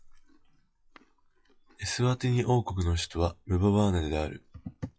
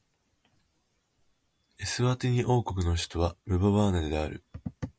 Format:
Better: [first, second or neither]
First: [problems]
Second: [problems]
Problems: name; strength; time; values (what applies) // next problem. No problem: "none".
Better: second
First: noise reduction (classical method log-MMSE)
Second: none